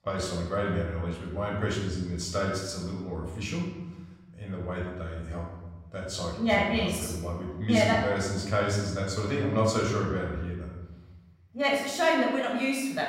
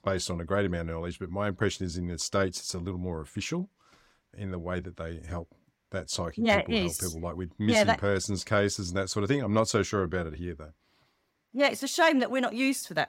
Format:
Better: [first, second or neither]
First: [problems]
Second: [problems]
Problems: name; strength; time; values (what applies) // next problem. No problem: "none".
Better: second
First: off-mic speech; far // room echo; noticeable; dies away in 1.1 s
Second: none